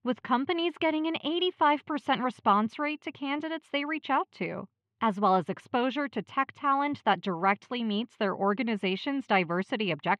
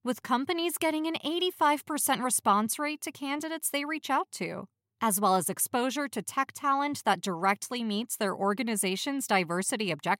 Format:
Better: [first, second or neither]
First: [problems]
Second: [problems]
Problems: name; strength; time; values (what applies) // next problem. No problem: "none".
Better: second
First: muffled; very; fading above 3 kHz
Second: none